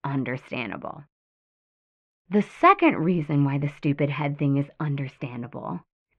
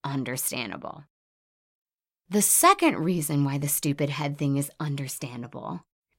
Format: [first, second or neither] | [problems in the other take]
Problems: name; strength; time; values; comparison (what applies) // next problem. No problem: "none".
second | muffled; very; fading above 2.5 kHz